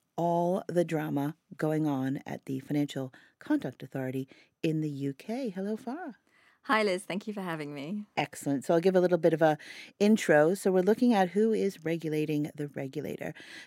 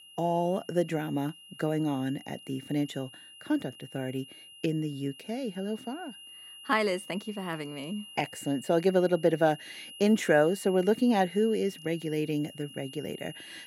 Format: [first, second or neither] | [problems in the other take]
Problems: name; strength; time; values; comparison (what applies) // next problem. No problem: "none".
first | high-pitched whine; noticeable; throughout; 3 kHz, 15 dB below the speech